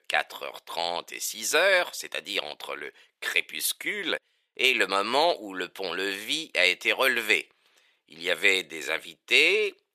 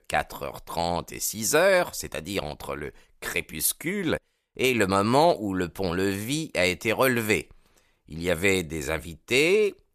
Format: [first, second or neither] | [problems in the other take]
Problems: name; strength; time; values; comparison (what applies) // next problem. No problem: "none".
second | thin; somewhat; fading below 450 Hz